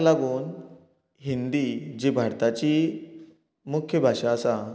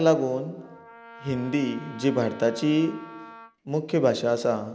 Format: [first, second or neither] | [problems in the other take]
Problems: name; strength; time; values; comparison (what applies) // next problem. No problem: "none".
first | background sound (Wind instrument, woodwind instrument); 20 dB below the speech